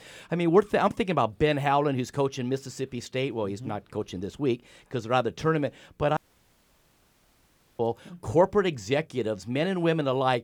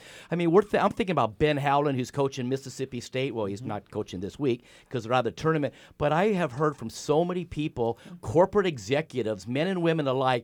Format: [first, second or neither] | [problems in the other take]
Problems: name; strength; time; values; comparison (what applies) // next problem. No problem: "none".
second | audio cutting out; at 6 s for 1.5 s